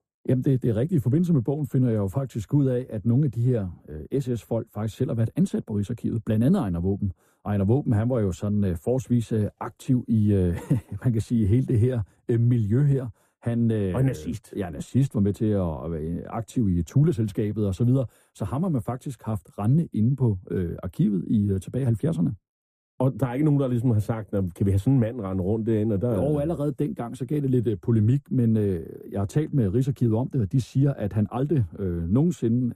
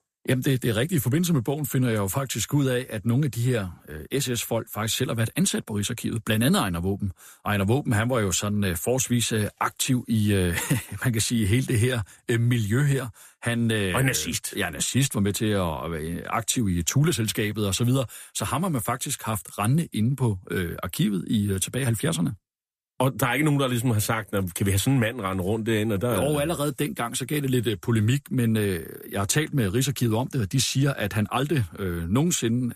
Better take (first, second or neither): second